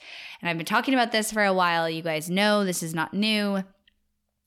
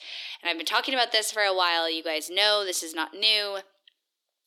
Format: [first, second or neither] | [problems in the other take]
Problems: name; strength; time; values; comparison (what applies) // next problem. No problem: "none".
first | thin; very; fading below 300 Hz